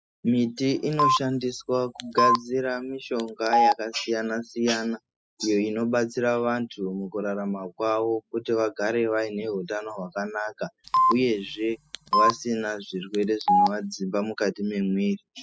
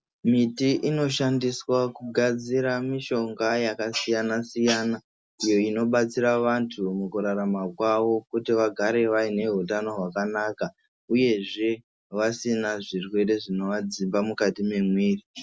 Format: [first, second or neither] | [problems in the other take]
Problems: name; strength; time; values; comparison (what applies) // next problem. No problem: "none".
second | noise reduction (classical method spectral subtraction)